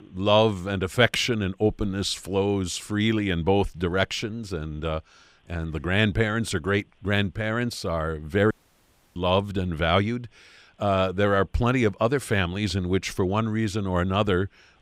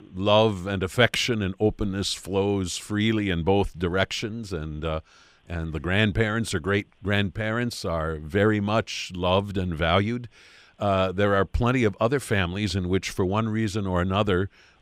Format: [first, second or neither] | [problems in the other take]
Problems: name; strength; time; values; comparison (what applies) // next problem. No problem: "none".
second | audio cutting out; at 8.5 s for 0.5 s